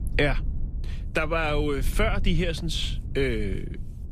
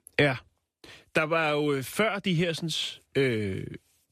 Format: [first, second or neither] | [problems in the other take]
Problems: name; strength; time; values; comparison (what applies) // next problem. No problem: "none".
second | low rumble; faint; throughout; 20 dB below the speech